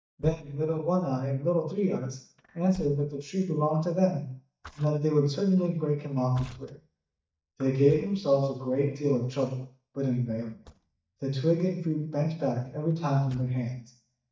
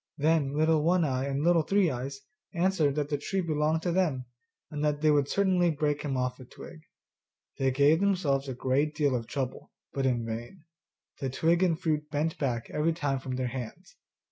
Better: second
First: noise reduction (neural mask model DeepFilterNet 3)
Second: none

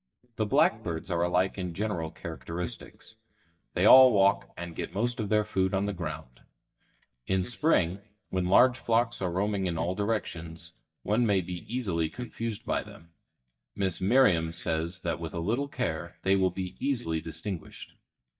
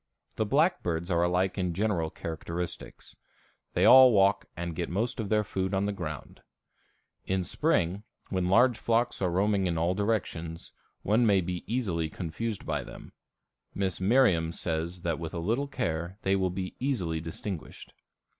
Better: second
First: noise reduction (neural mask model DeepFilterNet 3)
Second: none

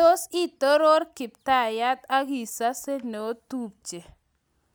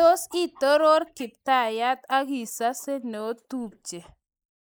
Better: first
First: none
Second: noise reduction (neural mask model Resemble Enhance denoiser)

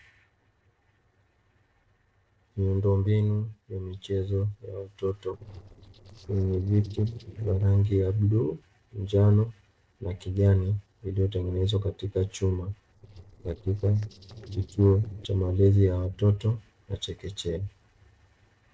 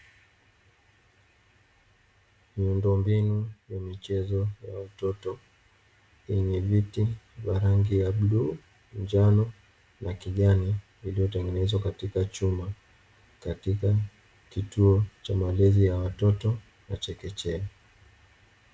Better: second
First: noise reduction (neural separator model SepFormer DNS4)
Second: none

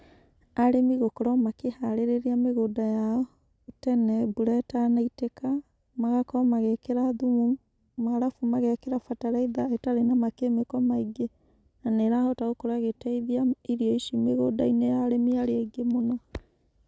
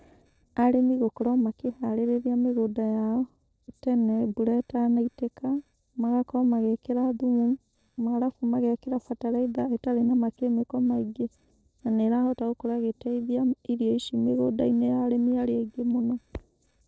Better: first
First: none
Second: noise reduction (neural separator model SepFormer DNS4)

